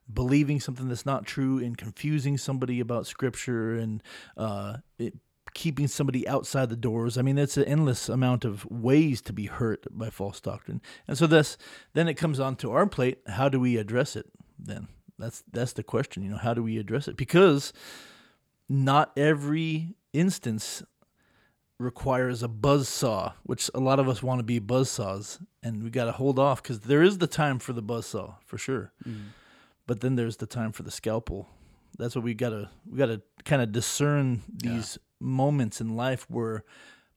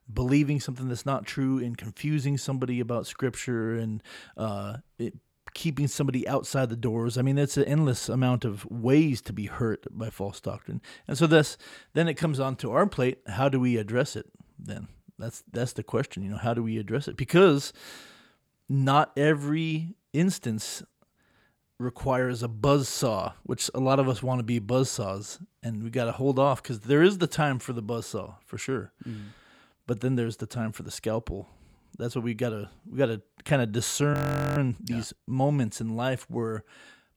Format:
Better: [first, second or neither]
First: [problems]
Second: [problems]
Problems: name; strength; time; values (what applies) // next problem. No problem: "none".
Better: first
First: none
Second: audio freezing; at 34 s